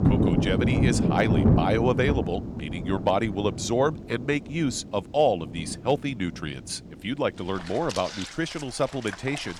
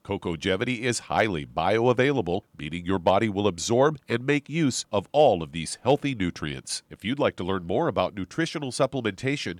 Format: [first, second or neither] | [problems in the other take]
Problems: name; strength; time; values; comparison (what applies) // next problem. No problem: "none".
second | rain or running water; very loud; throughout; 1 dB above the speech